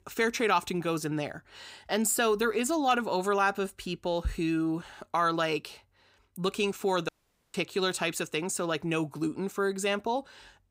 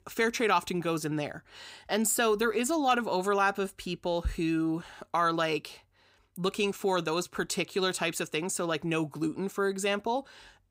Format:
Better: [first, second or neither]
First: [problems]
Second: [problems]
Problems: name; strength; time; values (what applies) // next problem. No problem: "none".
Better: second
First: audio cutting out; at 7 s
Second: none